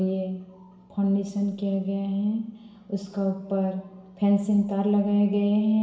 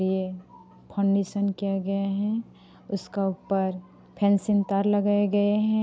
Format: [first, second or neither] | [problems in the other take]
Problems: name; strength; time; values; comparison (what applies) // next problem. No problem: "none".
second | room echo; dies away in 0.9 s